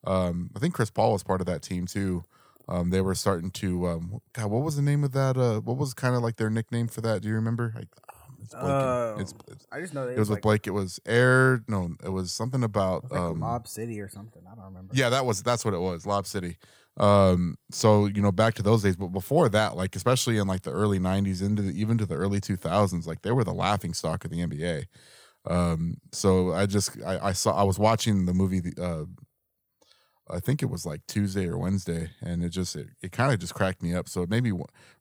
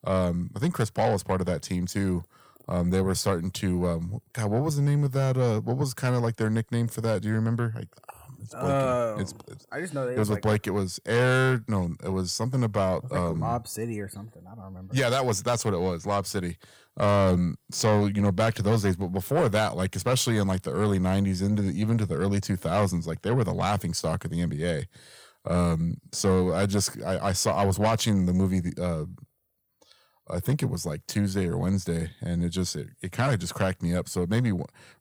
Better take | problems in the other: first | distortion; slight; 10 dB below the speech

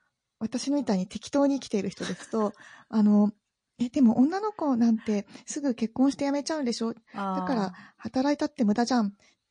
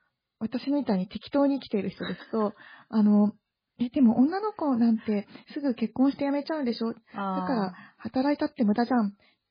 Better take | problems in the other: first | garbled, watery; badly; slightly in the first

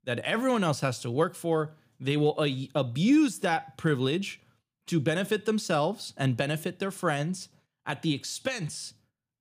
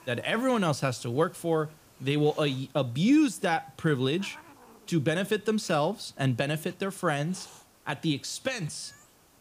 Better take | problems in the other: first | hiss; faint; throughout; 25 dB below the speech

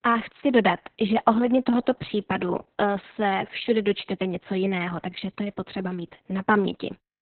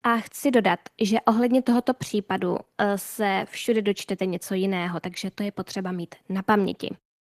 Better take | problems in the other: second | garbled, watery; badly; nothing above 4 kHz; slightly in the second

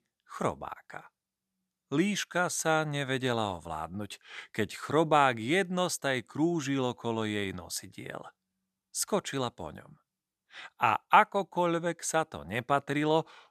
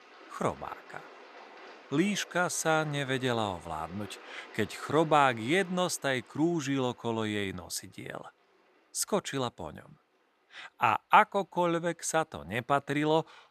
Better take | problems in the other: first | rain or running water; faint; throughout; 20 dB below the speech

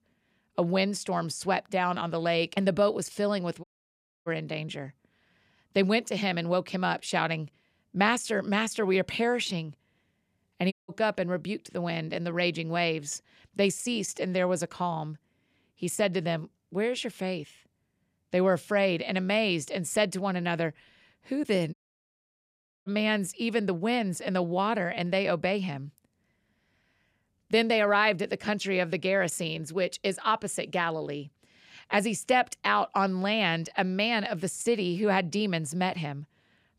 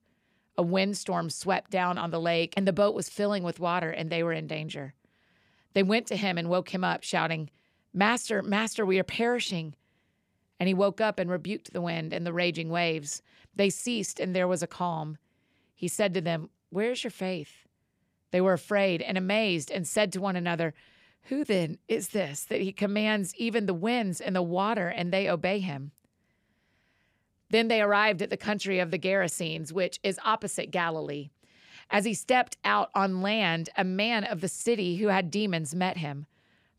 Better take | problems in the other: second | audio cutting out; at 3.5 s for 0.5 s, at 11 s and at 22 s for 1 s

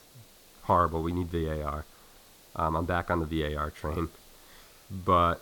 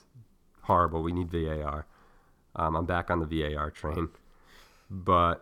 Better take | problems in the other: second | hiss; faint; throughout; 25 dB below the speech

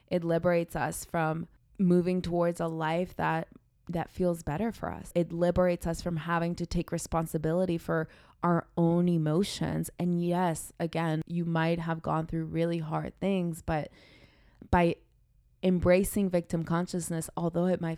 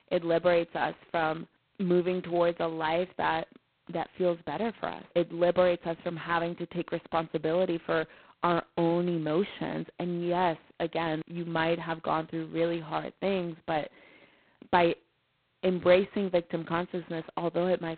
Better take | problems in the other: first | phone-call audio; poor line; nothing above 4 kHz

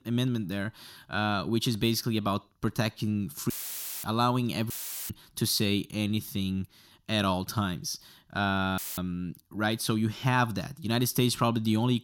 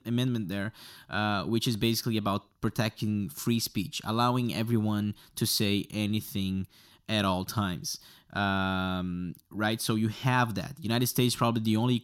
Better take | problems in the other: second | audio cutting out; filled with static; at 3.5 s for 0.5 s, at 4.5 s and at 9 s

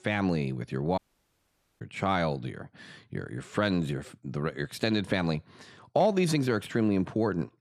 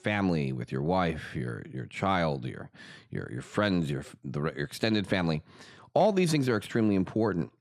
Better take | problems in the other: second | audio cutting out; at 1 s for 1 s

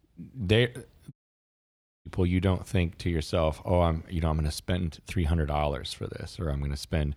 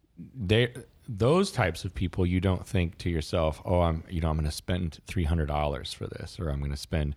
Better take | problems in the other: second | audio cutting out; at 1 s for 1 s

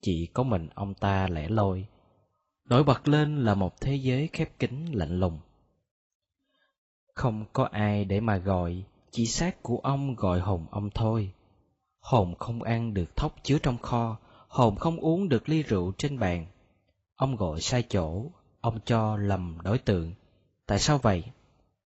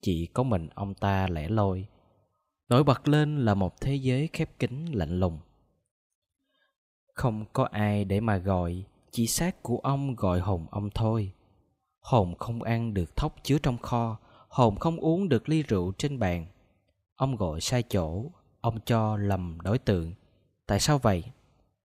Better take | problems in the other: second | garbled, watery; badly; nothing above 7.5 kHz

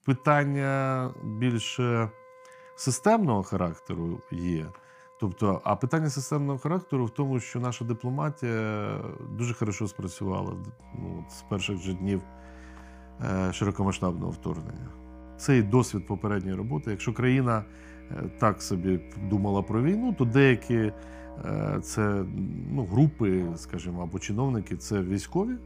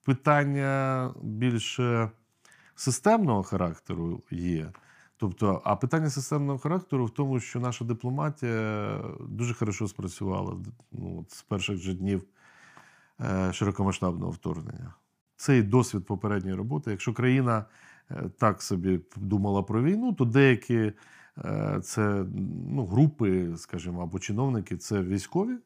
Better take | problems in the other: second | background music; faint; throughout; 20 dB below the speech

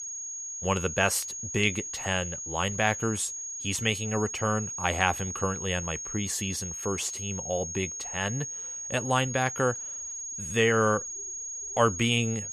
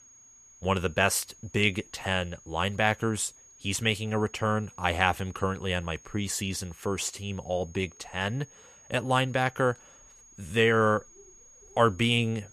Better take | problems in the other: second | high-pitched whine; loud; throughout; 6.5 kHz, 5 dB below the speech; faint in the second

